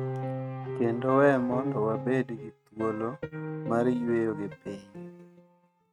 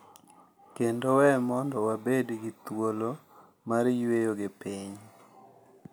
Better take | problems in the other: second | noise reduction (neural mask model RNNoise)

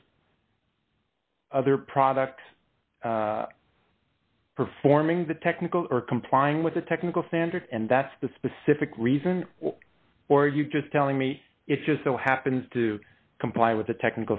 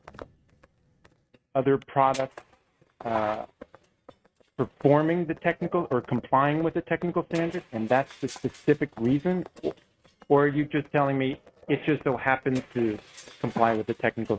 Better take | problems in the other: first | noise reduction (neural mask model RNNoise)

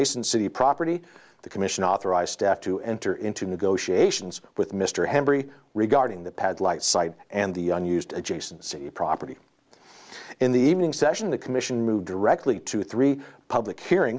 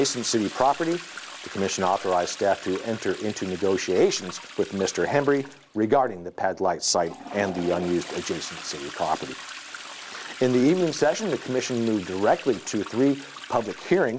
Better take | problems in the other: first | background sound (Toilet flush); 15 dB below the speech

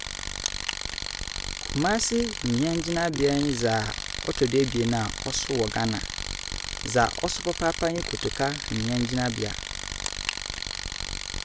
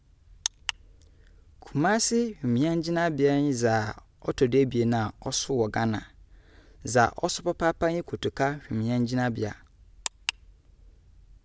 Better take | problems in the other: second | background sound (Tools); 5 dB below the speech

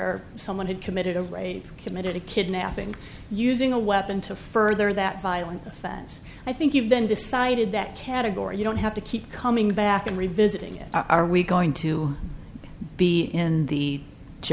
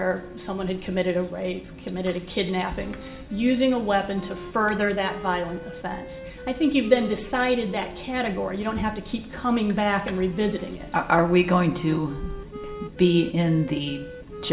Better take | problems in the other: first | background sound (Wind instrument, woodwind instrument); 17 dB below the speech // room echo; dies away in 1.1 s

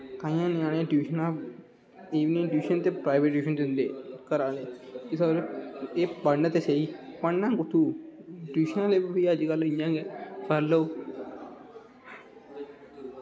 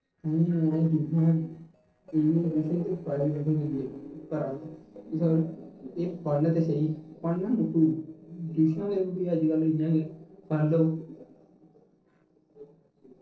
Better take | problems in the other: first | noise reduction (neural separator model SepFormer DNS4)

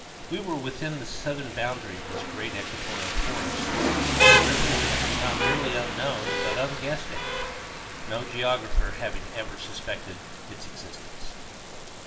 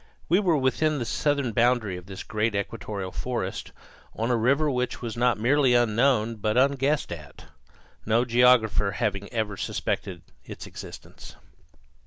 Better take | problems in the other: second | background sound (Rain); 3 dB above the speech // room echo; dies away in 0.6 s

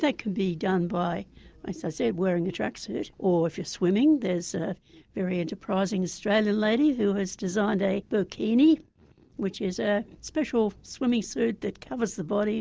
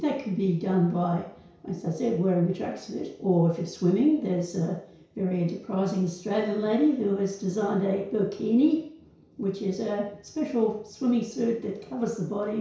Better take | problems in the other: first | room echo; dies away in 0.6 s

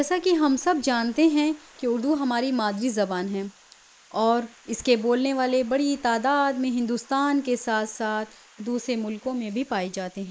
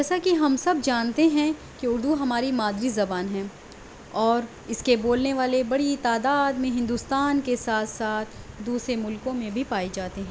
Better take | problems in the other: second | noise reduction (neural mask model Resemble Enhance denoiser)

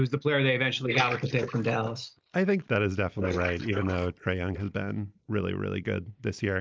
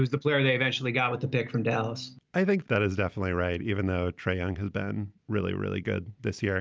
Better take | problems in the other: second | noise reduction (neural mask model Resemble Enhance denoiser)

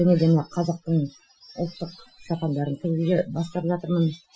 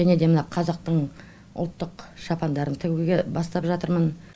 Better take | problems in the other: second | noise reduction (classical method Wiener filter)

